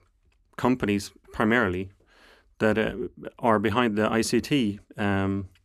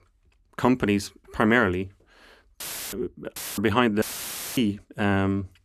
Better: first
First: none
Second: audio cutting out; filled with static; at 2.5 s, at 3.5 s and at 4 s for 0.5 s

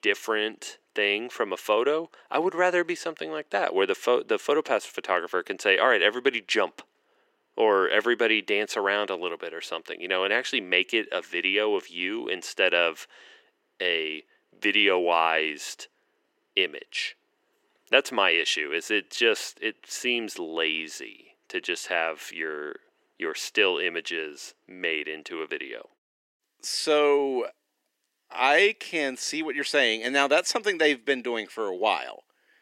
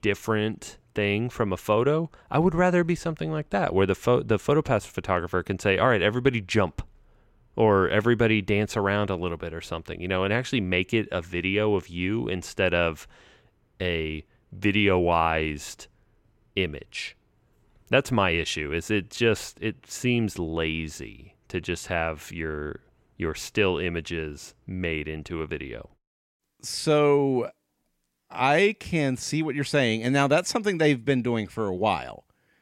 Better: second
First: thin; somewhat; fading below 300 Hz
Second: none

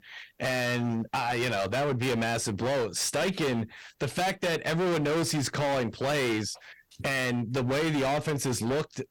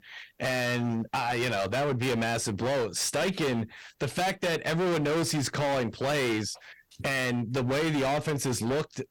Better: neither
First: distortion; heavy; 29% of the sound clipped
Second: distortion; heavy; 29% of the sound clipped

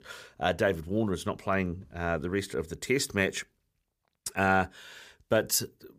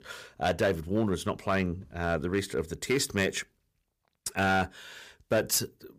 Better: first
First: none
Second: distortion; slight; 4% of the sound clipped

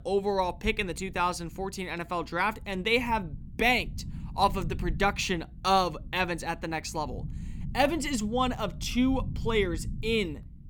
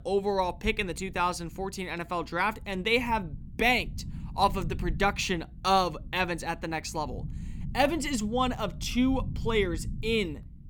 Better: neither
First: low rumble; faint; throughout; 25 dB below the speech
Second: low rumble; faint; throughout; 25 dB below the speech

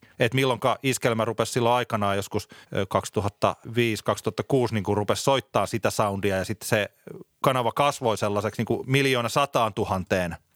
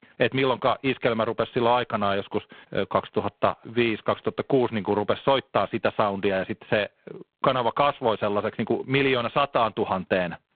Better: first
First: none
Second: phone-call audio; poor line

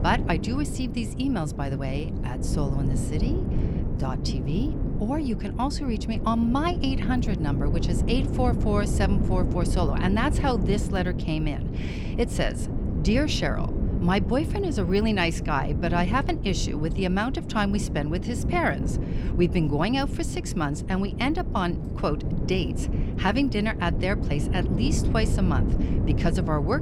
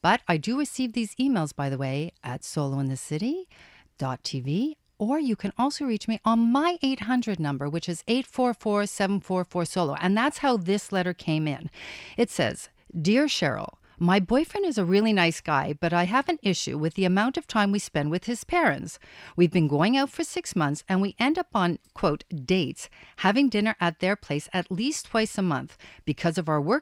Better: second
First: wind noise on the microphone; heavy; 8 dB below the speech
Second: none

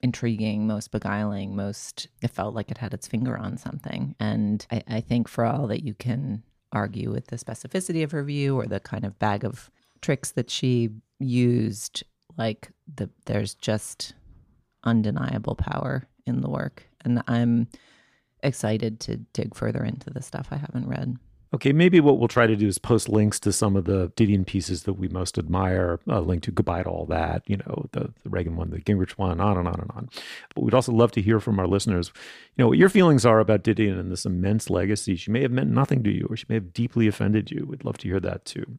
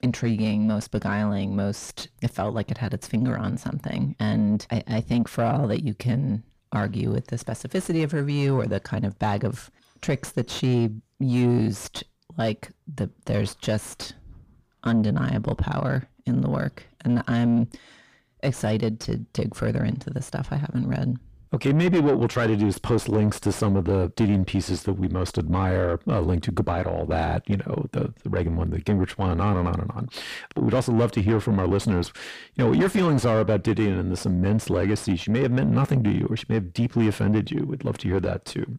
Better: first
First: none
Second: distortion; heavy; 7 dB below the speech

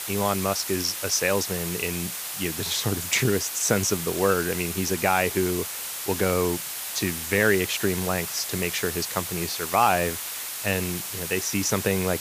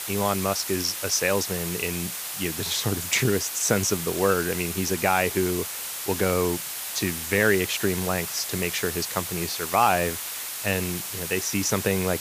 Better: neither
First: hiss; loud; throughout; 4 dB below the speech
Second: hiss; loud; throughout; 4 dB below the speech

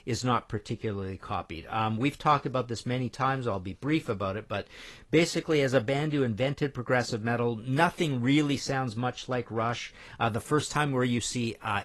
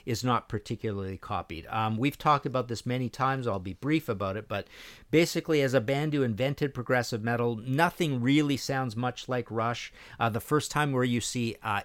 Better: second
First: garbled, watery; slightly; nothing above 12.5 kHz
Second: none

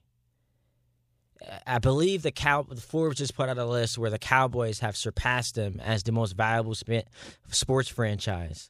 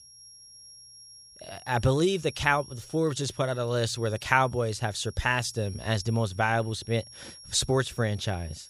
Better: first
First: none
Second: high-pitched whine; noticeable; throughout; 5.5 kHz, 20 dB below the speech

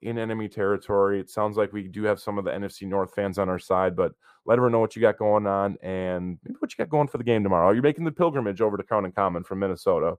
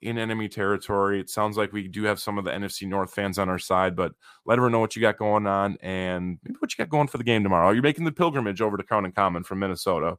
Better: second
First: muffled; slightly; fading above 2 kHz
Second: none

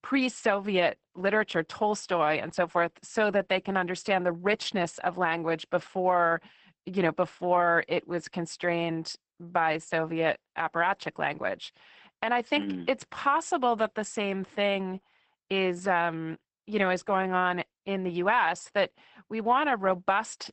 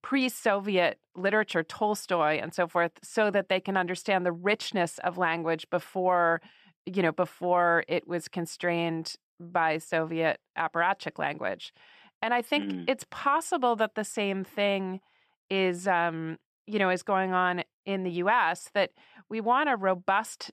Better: second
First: garbled, watery; badly; nothing above 8 kHz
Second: none

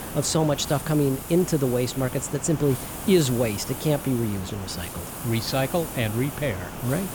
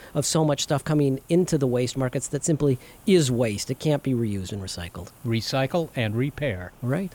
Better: second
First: hiss; loud; throughout; 9 dB below the speech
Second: hiss; faint; throughout; 25 dB below the speech

